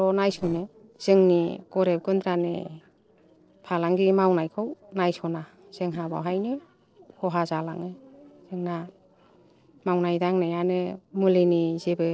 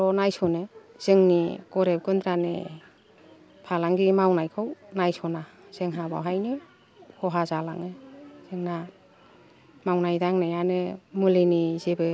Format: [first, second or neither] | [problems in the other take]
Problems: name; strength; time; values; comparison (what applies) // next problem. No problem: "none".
second | noise reduction (neural separator model SepFormer DNS4)